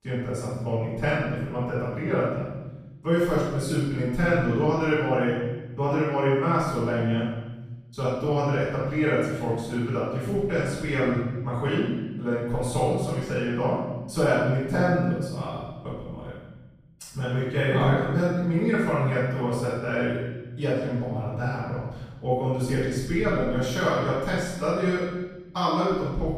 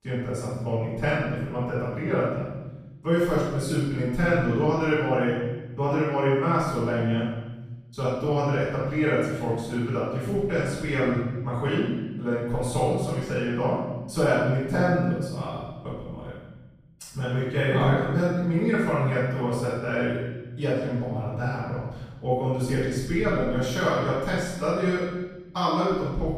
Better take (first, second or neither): neither